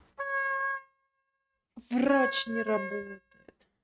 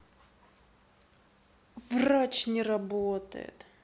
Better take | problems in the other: second | noise reduction (neural mask model RNNoise)

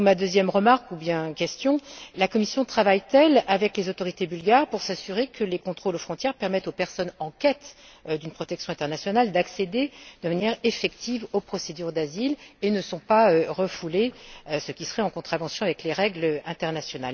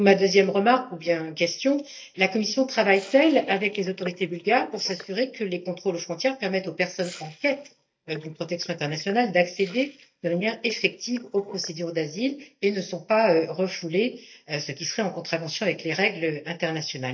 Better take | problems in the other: first | noise reduction (neural mask model DeepFilterNet 3)

